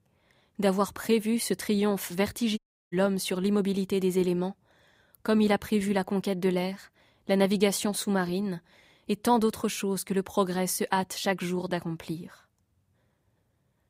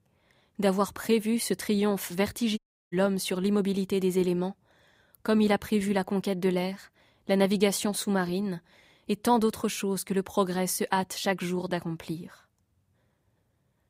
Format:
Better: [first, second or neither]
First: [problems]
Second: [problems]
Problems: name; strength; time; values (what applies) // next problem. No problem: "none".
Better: neither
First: audio cutting out; at 2.5 s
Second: audio cutting out; at 2.5 s